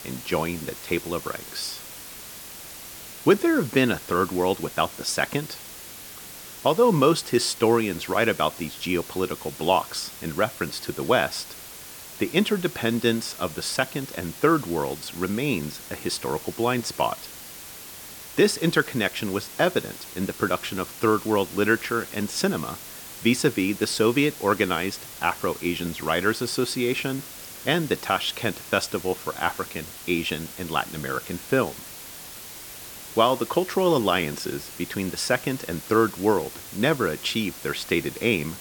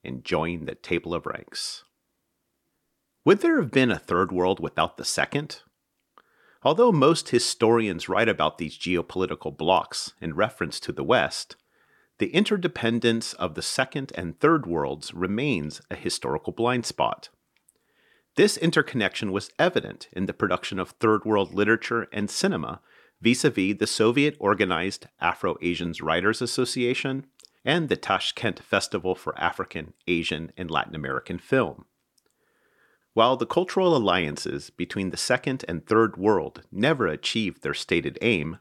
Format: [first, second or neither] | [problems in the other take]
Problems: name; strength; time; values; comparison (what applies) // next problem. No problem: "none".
second | hiss; noticeable; throughout; 15 dB below the speech